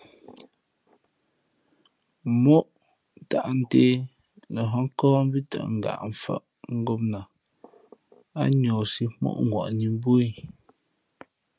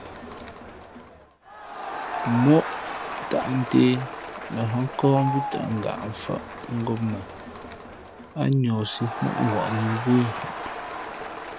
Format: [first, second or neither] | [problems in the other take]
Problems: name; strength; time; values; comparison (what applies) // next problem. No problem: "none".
first | background sound (Crowd); 8 dB below the speech